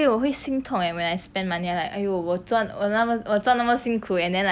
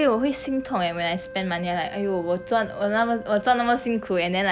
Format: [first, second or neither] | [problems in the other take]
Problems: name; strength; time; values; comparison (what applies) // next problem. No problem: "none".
first | background sound (Wind instrument, woodwind instrument); 15 dB below the speech